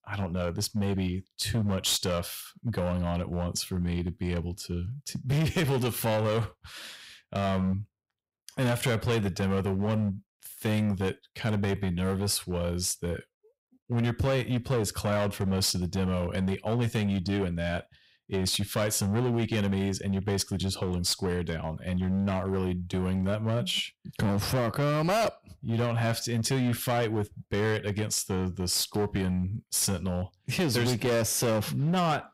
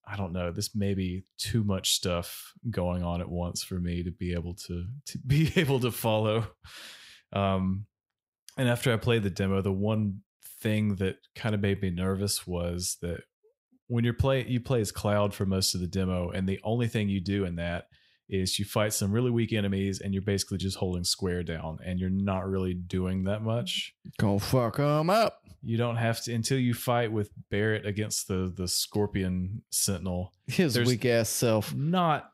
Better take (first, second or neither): second